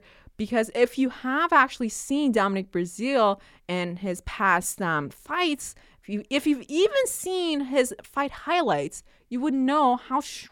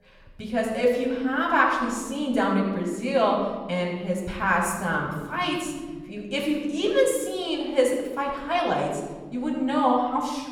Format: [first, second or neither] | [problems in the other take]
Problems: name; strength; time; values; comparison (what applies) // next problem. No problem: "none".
first | room echo; noticeable; dies away in 1.7 s // off-mic speech; far